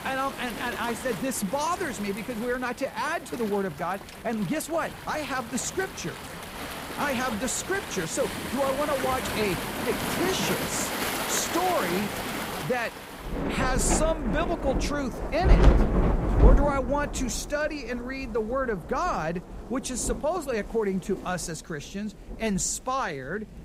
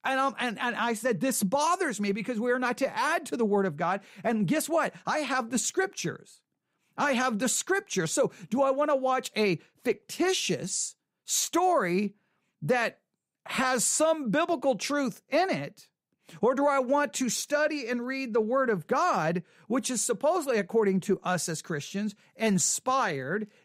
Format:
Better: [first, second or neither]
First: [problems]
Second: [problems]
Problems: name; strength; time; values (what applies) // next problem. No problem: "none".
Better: second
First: rain or running water; loud; throughout; as loud as the speech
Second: none